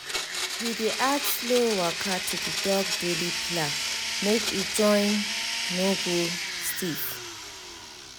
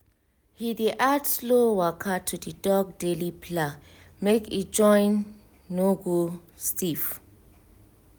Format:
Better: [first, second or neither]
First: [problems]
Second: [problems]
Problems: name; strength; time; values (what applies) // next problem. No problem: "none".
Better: second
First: background sound (Domestic sounds, home sounds); 2 dB below the speech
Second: none